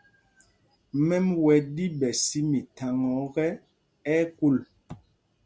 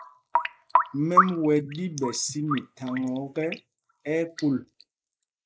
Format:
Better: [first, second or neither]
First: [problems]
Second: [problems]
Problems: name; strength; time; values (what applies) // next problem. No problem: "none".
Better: first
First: none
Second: noise reduction (neural mask model Resemble Enhance denoiser)